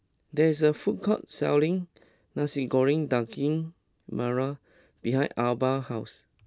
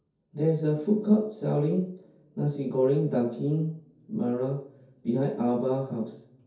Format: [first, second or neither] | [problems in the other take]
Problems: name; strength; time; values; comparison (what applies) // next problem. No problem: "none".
first | room echo; dies away in 0.6 s